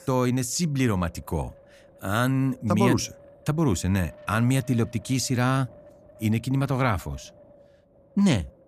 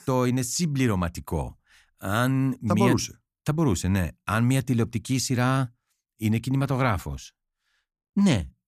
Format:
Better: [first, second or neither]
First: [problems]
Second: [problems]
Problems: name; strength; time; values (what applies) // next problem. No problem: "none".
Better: second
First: wind noise on the microphone; occasional gusts; 20 dB below the speech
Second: none